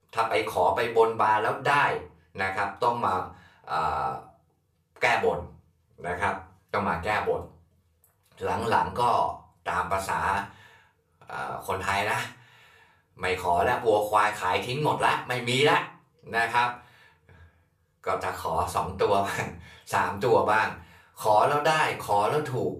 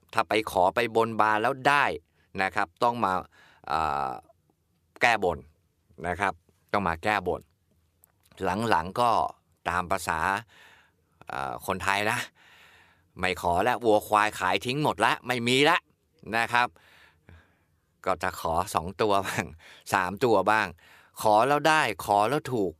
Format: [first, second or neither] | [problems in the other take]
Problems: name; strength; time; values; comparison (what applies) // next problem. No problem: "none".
second | off-mic speech; far // room echo; slight; dies away in 0.3 s